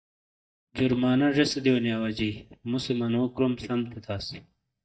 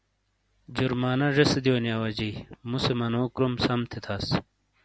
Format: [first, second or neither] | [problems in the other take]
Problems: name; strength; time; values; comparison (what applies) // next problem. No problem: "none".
second | noise reduction (neural mask model DeepFilterNet 3)